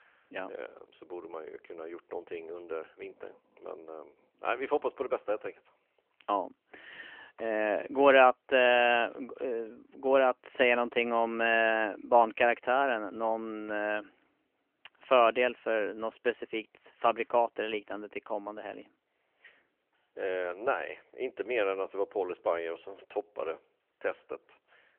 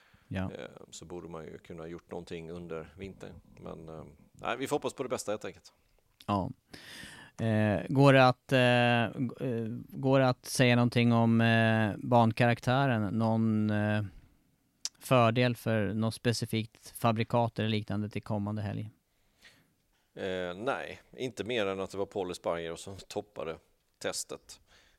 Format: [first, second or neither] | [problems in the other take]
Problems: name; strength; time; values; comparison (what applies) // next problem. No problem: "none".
second | phone-call audio; nothing above 3 kHz